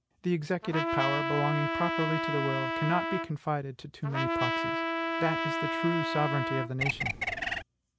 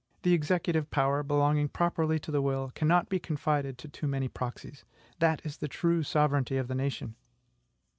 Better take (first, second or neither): second